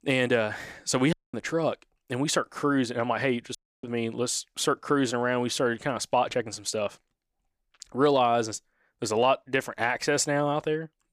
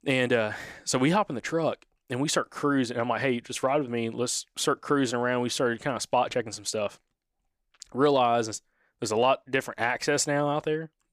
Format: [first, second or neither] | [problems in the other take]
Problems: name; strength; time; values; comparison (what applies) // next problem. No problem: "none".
second | audio cutting out; at 1 s and at 3.5 s